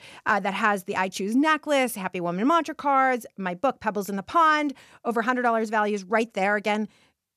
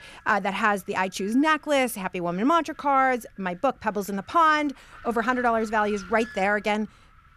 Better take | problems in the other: first | wind noise on the microphone; occasional gusts; 25 dB below the speech

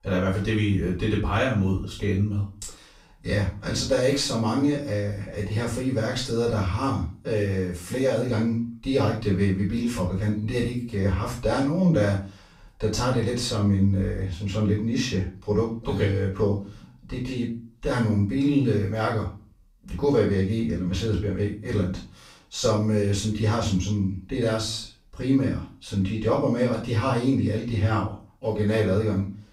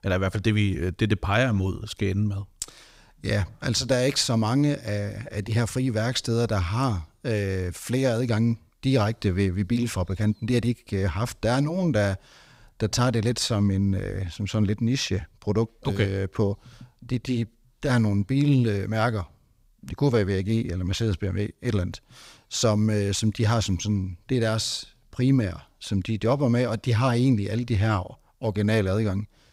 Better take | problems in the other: second | off-mic speech; far // room echo; noticeable; dies away in 0.3 s

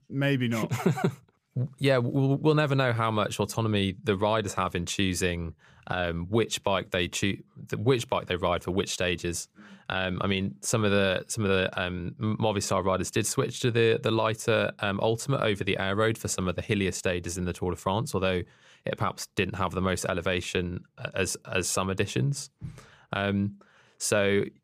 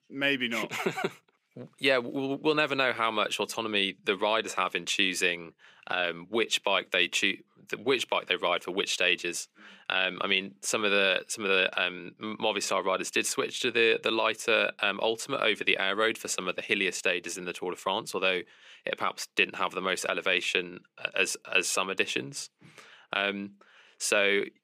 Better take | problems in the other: first | thin; somewhat; fading below 250 Hz

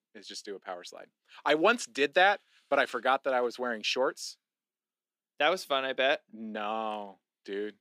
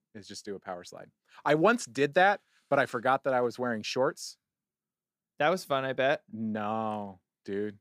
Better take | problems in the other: second | thin; very slightly; fading below 250 Hz

